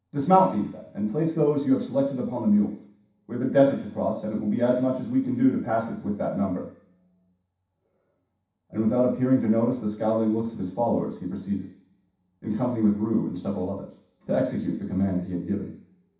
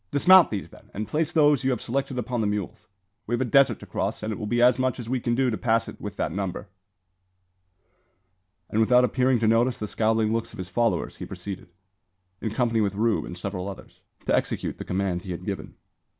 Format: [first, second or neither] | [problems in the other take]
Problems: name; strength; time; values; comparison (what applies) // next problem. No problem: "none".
second | room echo; dies away in 0.7 s